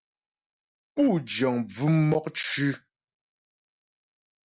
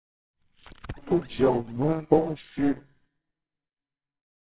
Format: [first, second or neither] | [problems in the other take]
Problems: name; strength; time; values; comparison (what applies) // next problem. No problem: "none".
first | noise reduction (neural separator model SepFormer WHAMR!)